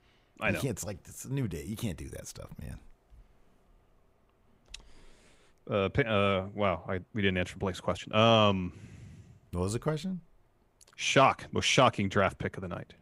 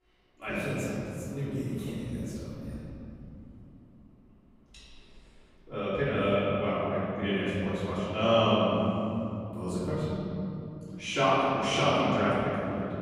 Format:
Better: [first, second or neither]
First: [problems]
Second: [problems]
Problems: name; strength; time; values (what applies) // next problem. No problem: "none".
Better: first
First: none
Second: off-mic speech; far // room echo; strong; dies away in 3 s